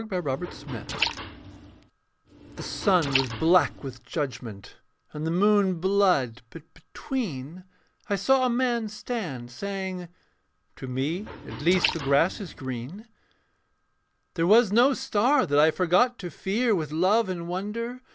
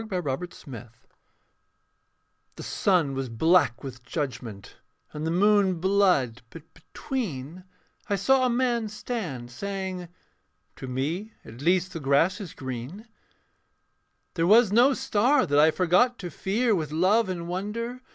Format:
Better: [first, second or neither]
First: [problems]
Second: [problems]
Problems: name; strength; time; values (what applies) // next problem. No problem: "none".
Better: second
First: background sound (Liquid); 8 dB below the speech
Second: none